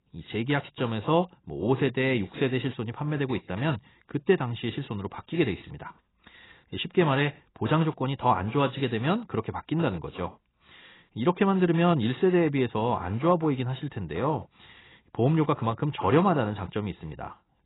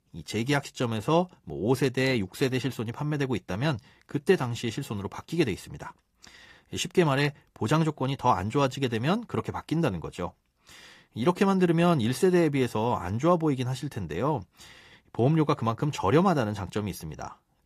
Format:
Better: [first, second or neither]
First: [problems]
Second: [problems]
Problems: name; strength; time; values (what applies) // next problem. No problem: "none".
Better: second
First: garbled, watery; badly; nothing above 4 kHz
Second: garbled, watery; slightly; nothing above 14.5 kHz